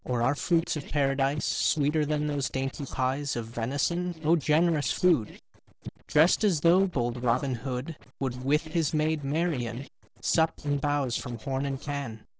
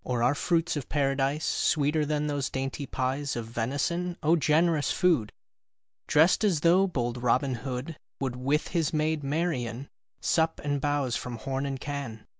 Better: second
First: noise reduction (neural separator model SepFormer DNS4)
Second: none

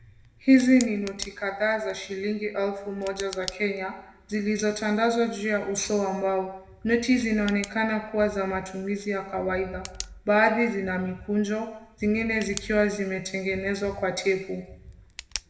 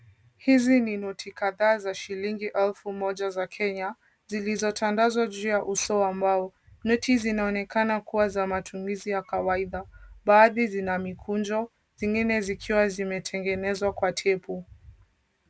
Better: second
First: background sound (Tick); 20 dB below the speech // room echo; dies away in 0.7 s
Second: none

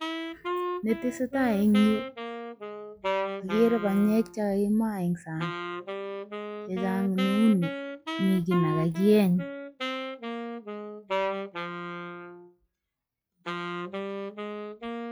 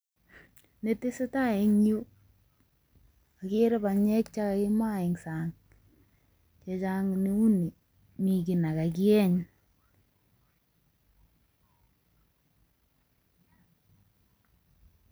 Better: second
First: noise reduction (classical method log-MMSE)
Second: none

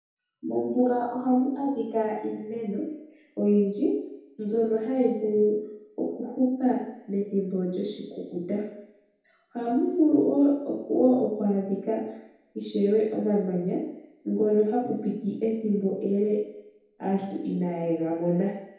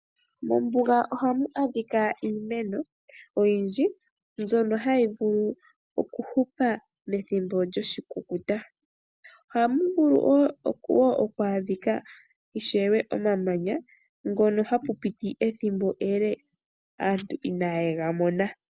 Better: second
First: room echo; dies away in 1.9 s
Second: none

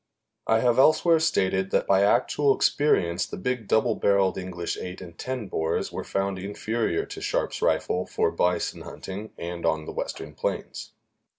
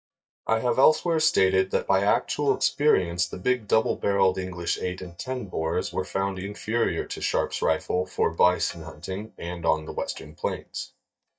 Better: first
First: none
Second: noise reduction (neural mask model DeepFilterNet 3)

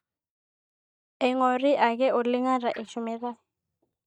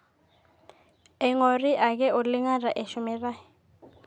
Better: second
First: noise reduction (neural mask model DeepFilterNet 3)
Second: none

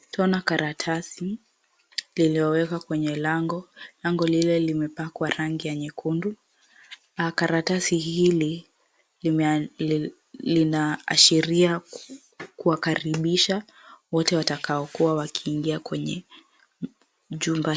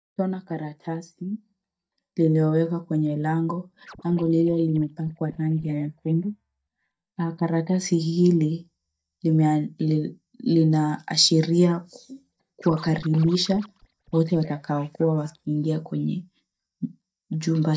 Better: first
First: none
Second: noise reduction (neural mask model DeepFilterNet 3)

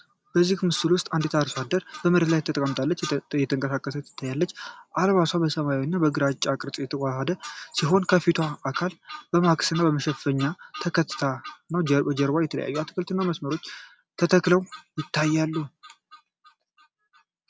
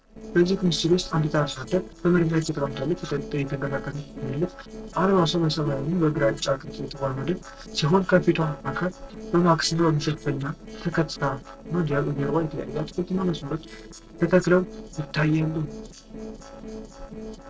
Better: first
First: none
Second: noise reduction (neural separator model SepFormer DNS4)

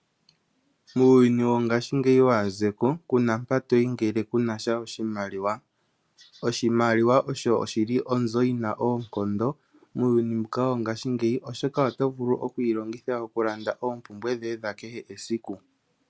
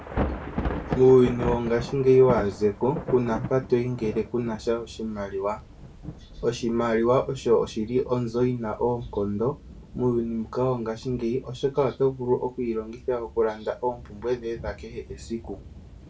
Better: first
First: none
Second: background sound (Thunder / Rain); 11 dB below the speech // room echo; dies away in 0.2 s

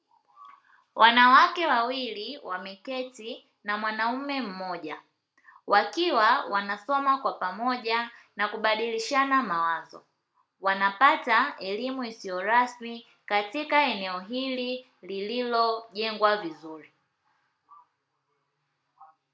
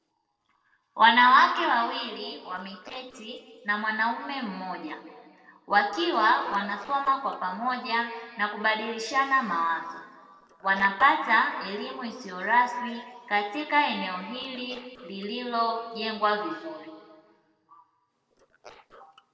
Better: first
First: none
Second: noise reduction (neural separator model SepFormer DNS4)

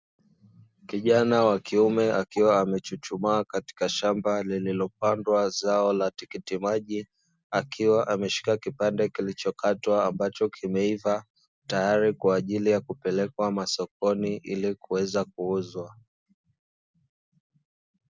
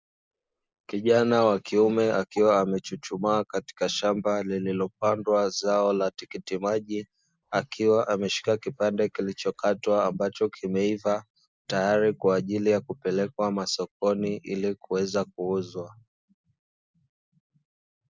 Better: first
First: none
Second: noise reduction (neural mask model Resemble Enhance denoiser)

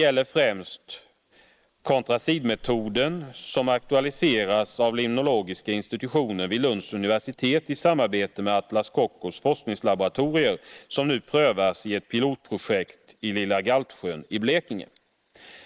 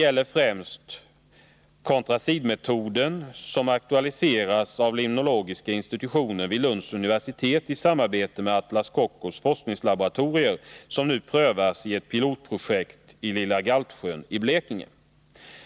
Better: second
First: noise reduction (neural mask model Resemble Enhance denoiser)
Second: none

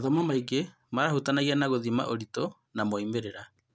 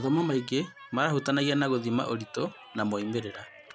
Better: first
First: none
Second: background sound (Cheering); 20 dB below the speech

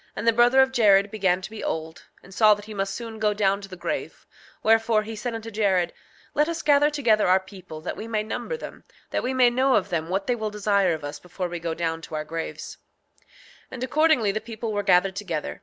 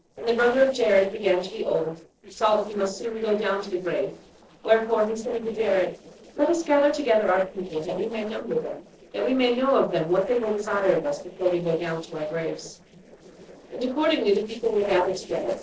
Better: first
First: none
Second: noise reduction (neural separator model SepFormer DNS4)

